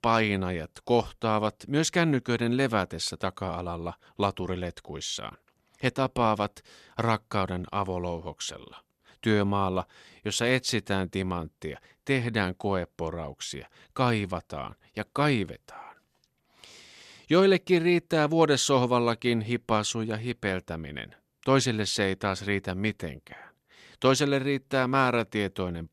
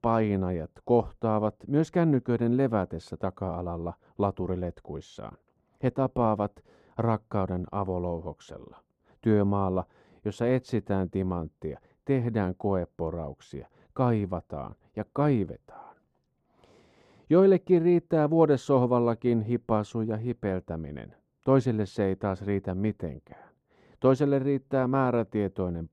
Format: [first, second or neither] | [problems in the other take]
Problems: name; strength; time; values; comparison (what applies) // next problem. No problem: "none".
first | muffled; very; fading above 1.5 kHz